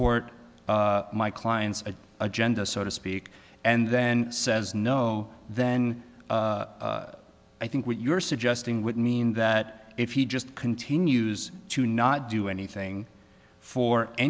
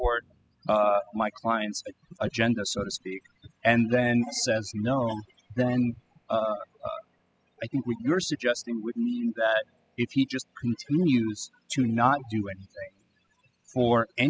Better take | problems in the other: first | noise reduction (classical method spectral subtraction)

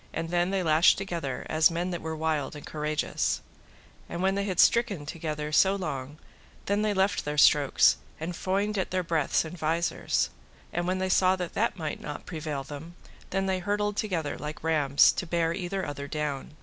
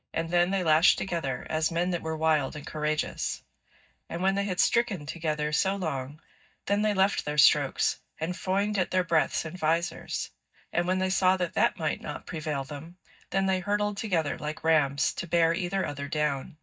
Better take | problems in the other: first | noise reduction (neural mask model DeepFilterNet 3)

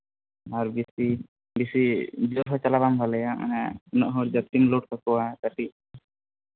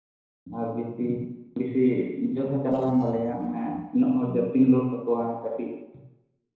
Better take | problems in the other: first | noise reduction (neural separator model SepFormer DNS4)

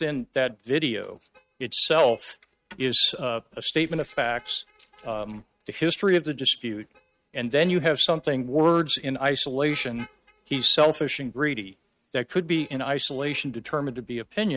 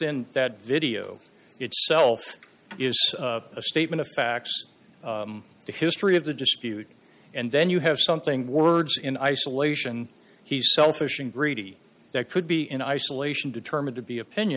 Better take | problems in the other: second | noise reduction (neural mask model RNNoise)

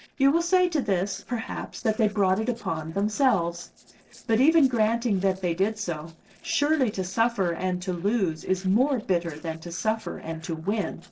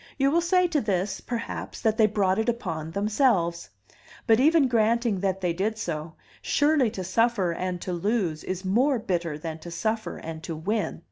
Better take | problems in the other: second | noise reduction (neural separator model SepFormer DNS4)

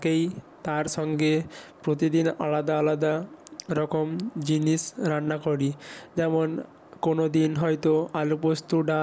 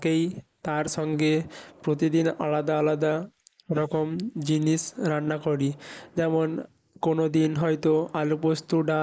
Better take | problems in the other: first | noise reduction (neural mask model Resemble Enhance denoiser)

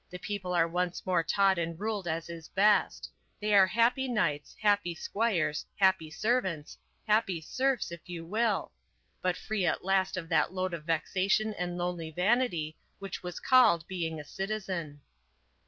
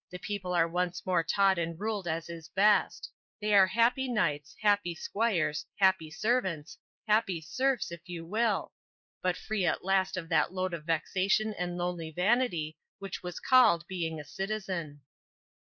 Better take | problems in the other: first | noise reduction (neural mask model Resemble Enhance denoiser)

